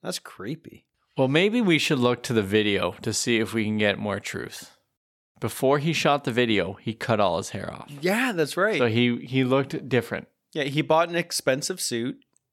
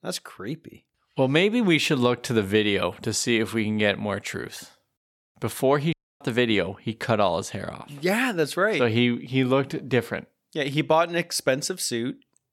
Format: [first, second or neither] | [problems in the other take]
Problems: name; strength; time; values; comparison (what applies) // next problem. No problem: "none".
first | audio cutting out; at 6 s